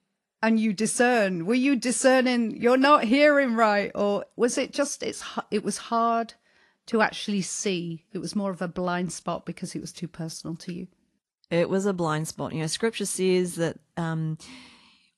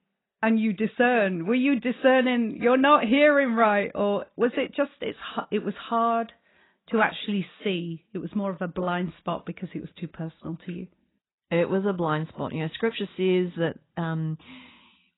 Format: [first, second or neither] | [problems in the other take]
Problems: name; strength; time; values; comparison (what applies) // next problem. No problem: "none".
first | garbled, watery; badly; nothing above 4 kHz; slightly in the first